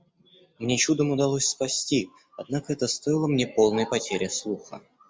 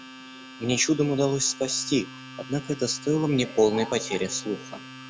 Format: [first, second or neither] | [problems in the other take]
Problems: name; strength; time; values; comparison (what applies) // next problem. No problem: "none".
first | background sound (Domestic sounds, home sounds); 16 dB below the speech